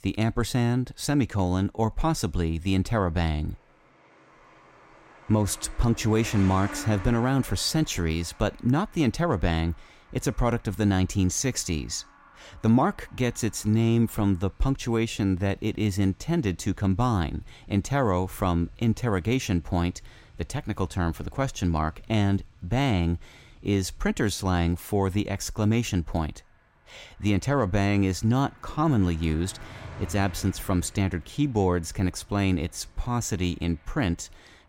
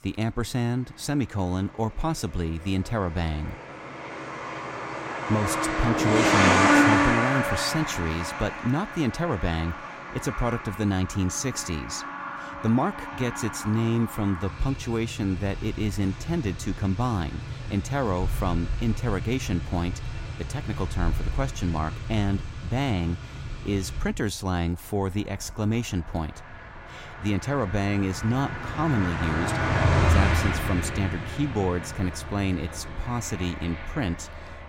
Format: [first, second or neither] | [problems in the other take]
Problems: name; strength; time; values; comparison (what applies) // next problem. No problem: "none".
first | traffic noise; loud; throughout; 1 dB below the speech; faint in the first